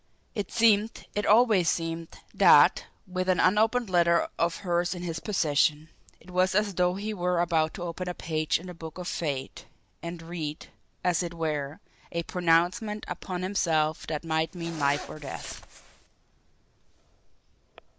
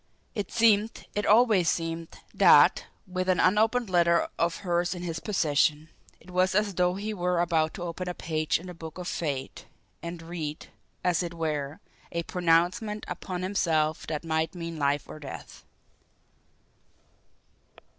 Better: second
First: background sound (Zipper (clothing)); 14 dB below the speech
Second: none

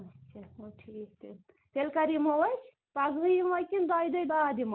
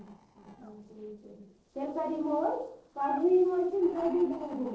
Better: first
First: none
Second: noise reduction (neural separator model SepFormer DNS4)

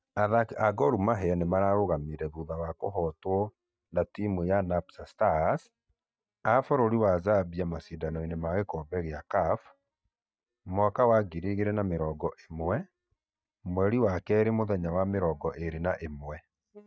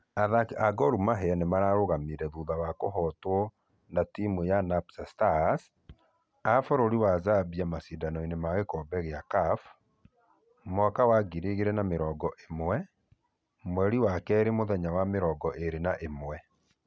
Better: second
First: noise reduction (neural mask model DeepFilterNet 3)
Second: none

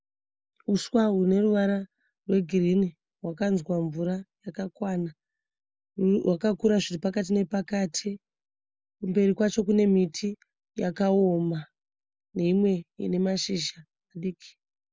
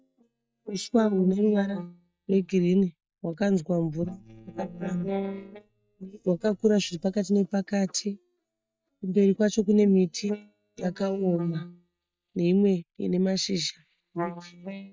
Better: first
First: none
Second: noise reduction (neural mask model DeepFilterNet 3)

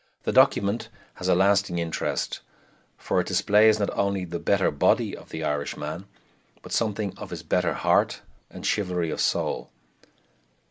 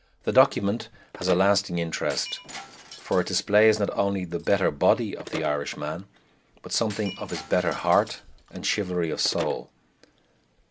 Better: first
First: none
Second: background sound (Telephone + Shatter); 17 dB below the speech

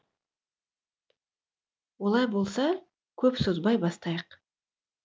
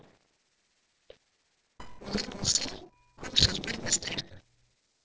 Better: first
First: none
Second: noise reduction (neural separator model SepFormer DNS4)

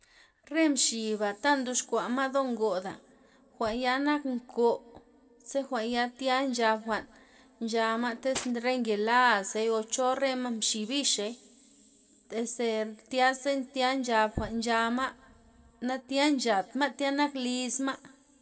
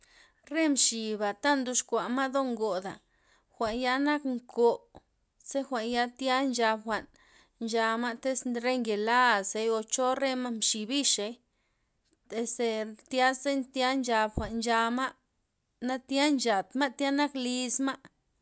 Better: second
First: background sound (Cutlery, silverware); 15 dB below the speech // room echo; dies away in 1.6 s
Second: none

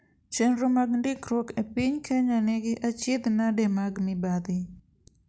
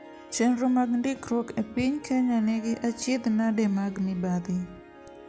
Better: first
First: none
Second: background sound (Harp); 20 dB below the speech

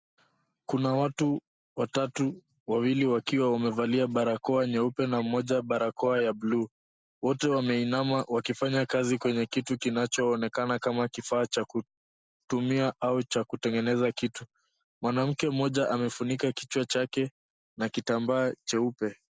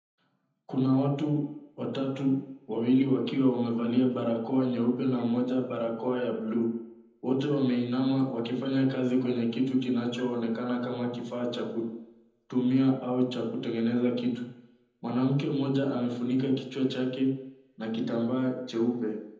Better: first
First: none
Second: room echo; dies away in 0.8 s

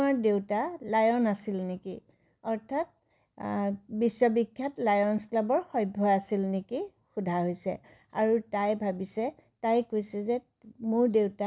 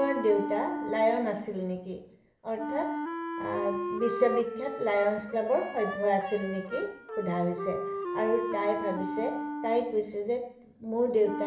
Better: first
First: none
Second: background sound (Wind instrument, woodwind instrument); 6 dB below the speech // room echo; dies away in 0.7 s

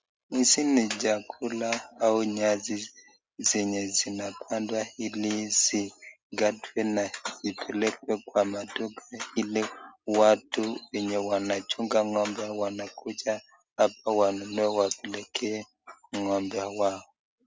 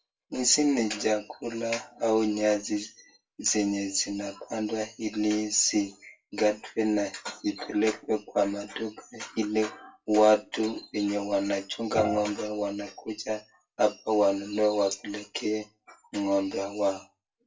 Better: first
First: none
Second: background sound (Bowed string instrument); 7 dB below the speech // room echo; dies away in 0.2 s

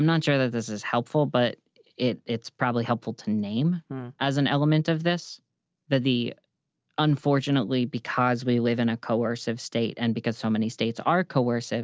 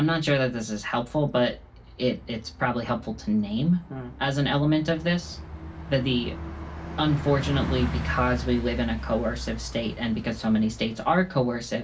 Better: first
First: none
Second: background sound (Bus); 10 dB below the speech // room echo; dies away in 0.2 s

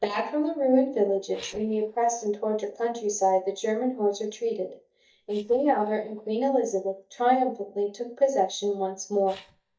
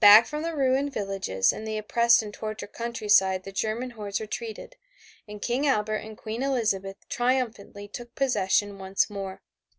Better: second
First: noise reduction (neural mask model DeepFilterNet 3)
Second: none

